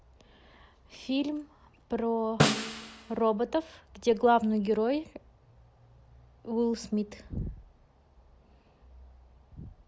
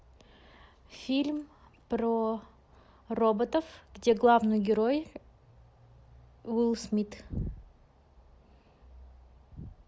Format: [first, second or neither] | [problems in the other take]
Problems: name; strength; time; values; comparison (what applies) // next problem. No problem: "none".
second | background sound (Snare drum); as loud as the speech